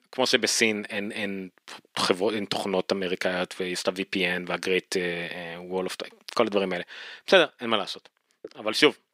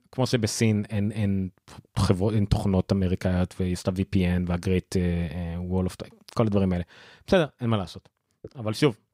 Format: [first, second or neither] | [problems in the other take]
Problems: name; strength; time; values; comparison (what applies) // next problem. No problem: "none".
second | thin; somewhat; fading below 300 Hz